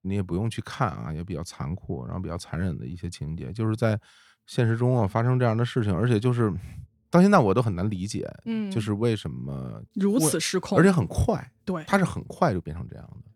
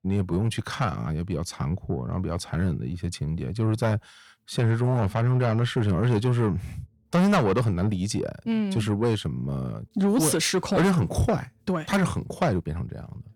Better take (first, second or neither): first